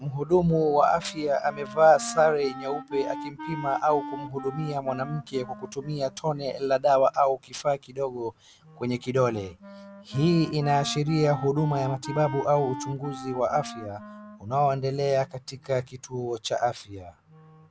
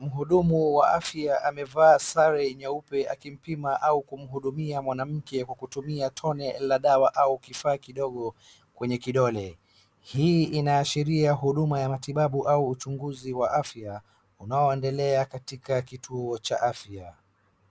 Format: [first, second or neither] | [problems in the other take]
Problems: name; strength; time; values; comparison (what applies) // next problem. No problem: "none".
second | background sound (Wind instrument, woodwind instrument); 15 dB below the speech